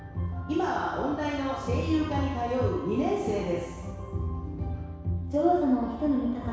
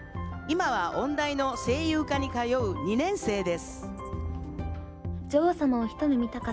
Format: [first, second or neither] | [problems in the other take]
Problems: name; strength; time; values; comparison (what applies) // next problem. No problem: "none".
second | room echo; dies away in 1.1 s